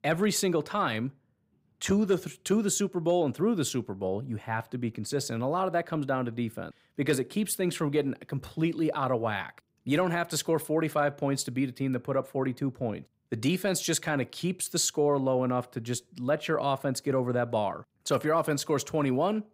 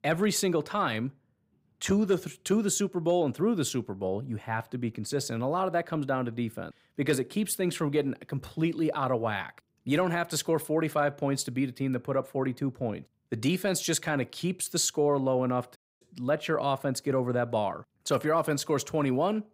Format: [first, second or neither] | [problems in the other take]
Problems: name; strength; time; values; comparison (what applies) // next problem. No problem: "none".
first | audio cutting out; at 16 s